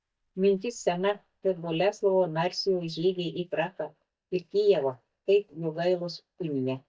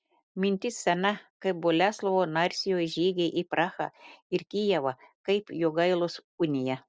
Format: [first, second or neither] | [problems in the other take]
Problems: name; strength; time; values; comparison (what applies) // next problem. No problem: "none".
second | noise reduction (neural mask model DeepFilterNet 3)